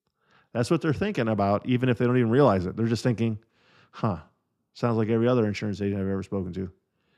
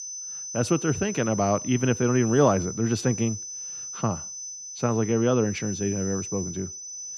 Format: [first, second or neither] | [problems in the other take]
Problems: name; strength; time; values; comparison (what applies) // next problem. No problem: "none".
first | high-pitched whine; loud; throughout; 6 kHz, 8 dB below the speech